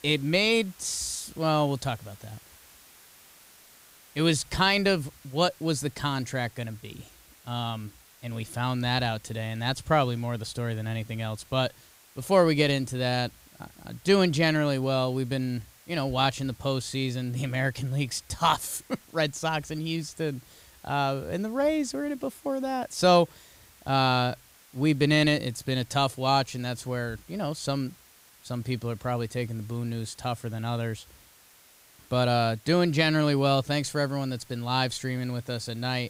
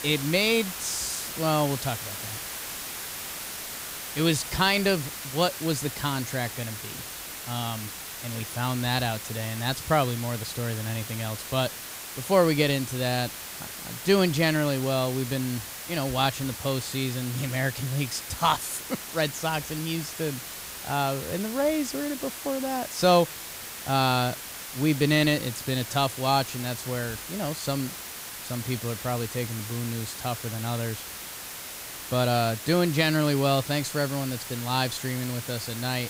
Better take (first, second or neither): first